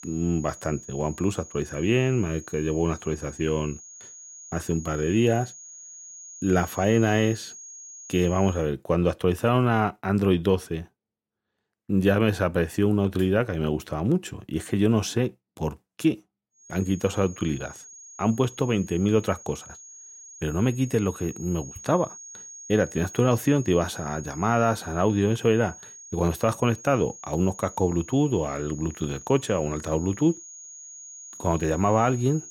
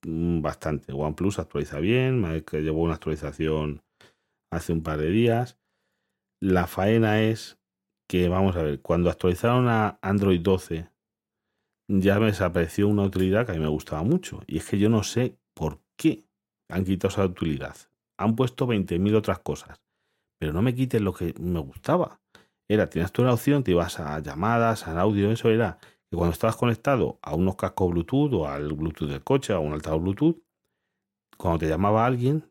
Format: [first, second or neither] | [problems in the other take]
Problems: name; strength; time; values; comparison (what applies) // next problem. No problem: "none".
second | high-pitched whine; noticeable; until 8.5 s and from 17 s on; 6.5 kHz, 15 dB below the speech